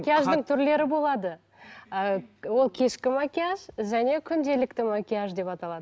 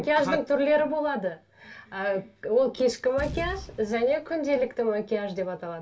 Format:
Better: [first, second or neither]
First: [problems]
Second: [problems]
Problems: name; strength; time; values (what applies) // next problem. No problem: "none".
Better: first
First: none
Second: background sound (Boom); 13 dB below the speech // room echo; dies away in 0.2 s